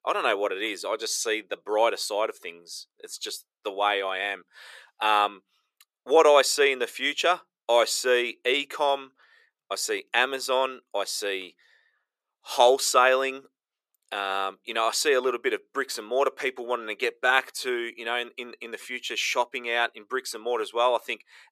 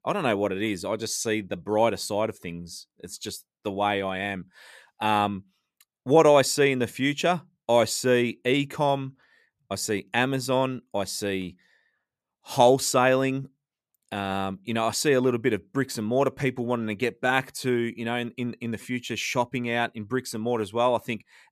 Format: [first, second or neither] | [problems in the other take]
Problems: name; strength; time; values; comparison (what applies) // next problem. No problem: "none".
second | thin; very; fading below 400 Hz